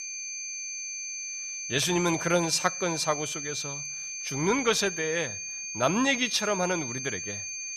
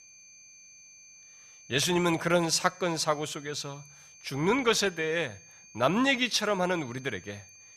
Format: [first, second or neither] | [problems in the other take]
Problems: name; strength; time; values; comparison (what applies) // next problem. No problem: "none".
second | high-pitched whine; loud; throughout; 6.5 kHz, 5 dB below the speech; faint in the second